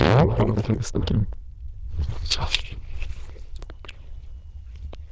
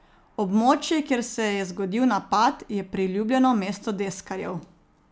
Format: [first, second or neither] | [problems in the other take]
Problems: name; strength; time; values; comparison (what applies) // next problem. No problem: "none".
second | noise reduction (neural diffusion model UNIVERSE++)